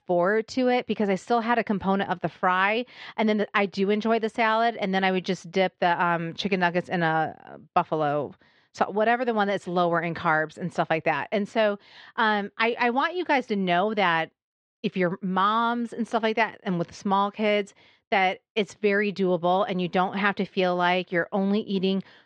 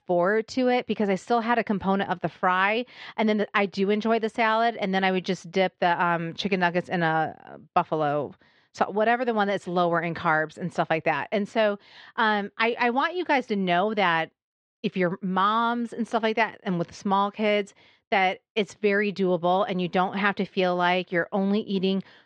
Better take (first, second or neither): neither